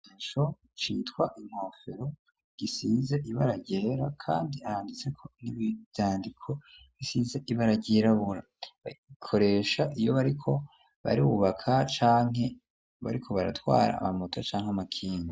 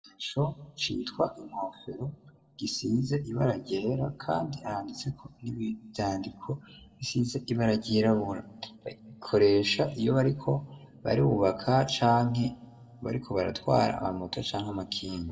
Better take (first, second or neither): first